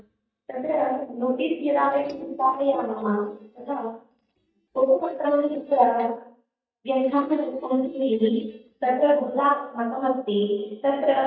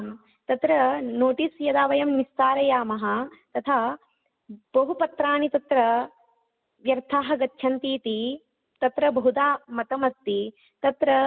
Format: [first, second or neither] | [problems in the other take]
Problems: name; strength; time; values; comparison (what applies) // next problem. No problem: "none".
second | noise reduction (neural mask model DeepFilterNet 3)